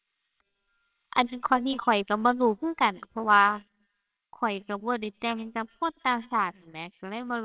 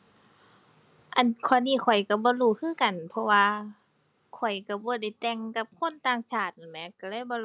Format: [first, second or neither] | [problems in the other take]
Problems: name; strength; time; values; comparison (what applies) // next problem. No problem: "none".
second | noise reduction (neural separator model SepFormer WHAMR!)